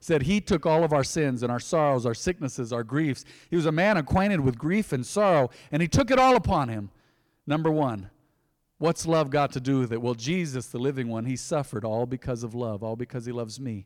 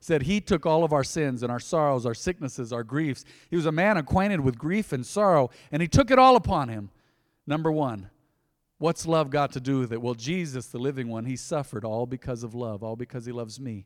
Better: second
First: distortion; slight; 10 dB below the speech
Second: none

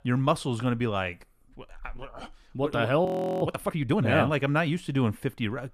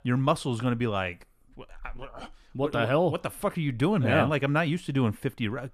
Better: second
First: audio freezing; at 3 s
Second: none

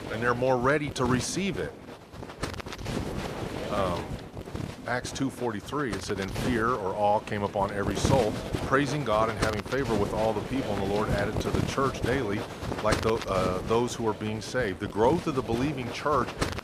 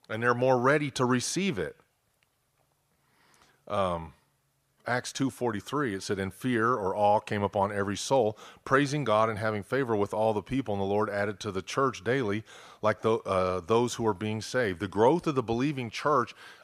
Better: second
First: wind noise on the microphone; heavy; 8 dB below the speech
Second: none

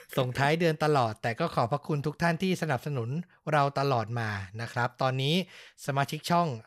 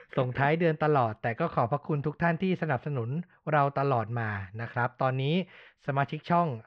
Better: first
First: none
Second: muffled; very; fading above 2.5 kHz

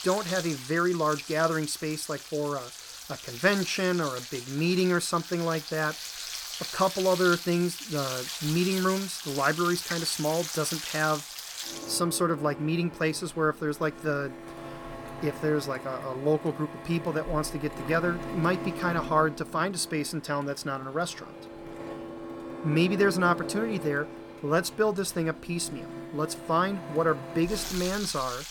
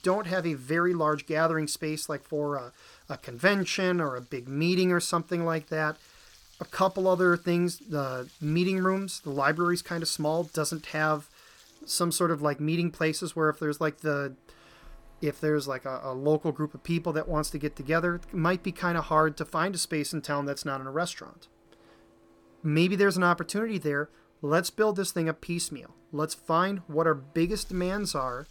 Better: second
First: household noises; loud; throughout; 9 dB below the speech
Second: household noises; faint; throughout; 30 dB below the speech

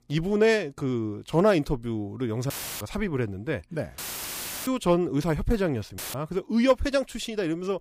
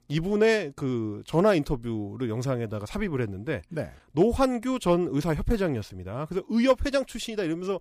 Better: second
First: audio cutting out; filled with static; at 2.5 s, at 4 s for 0.5 s and at 6 s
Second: none

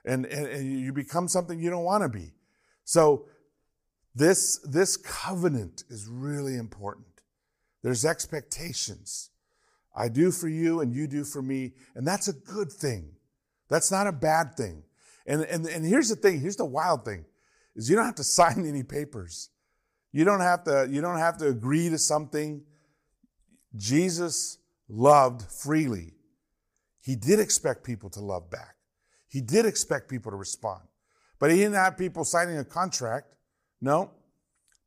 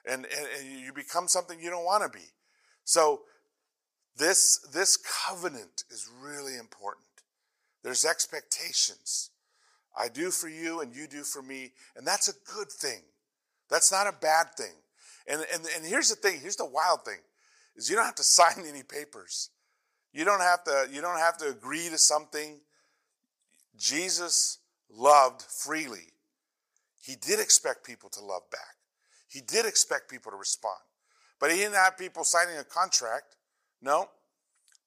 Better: first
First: none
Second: thin; very; fading below 700 Hz

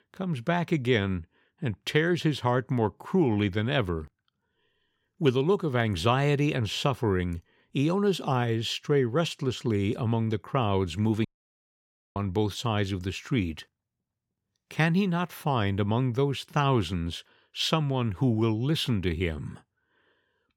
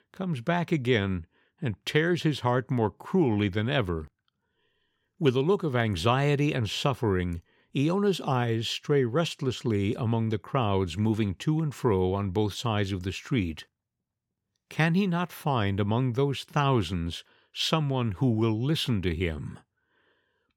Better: second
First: audio cutting out; at 11 s for 1 s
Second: none

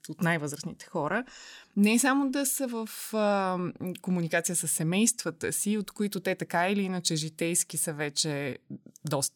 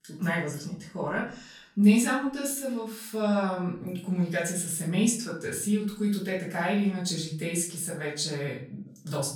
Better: first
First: none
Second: off-mic speech; far // room echo; noticeable; dies away in 0.4 s

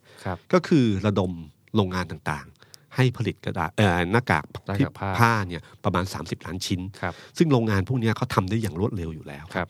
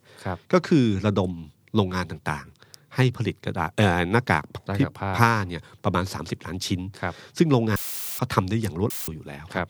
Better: first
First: none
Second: audio cutting out; filled with static; at 8 s and at 9 s

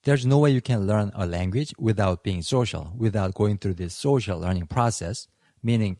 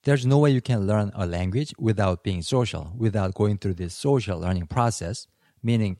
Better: second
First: garbled, watery; slightly; nothing above 10 kHz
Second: none

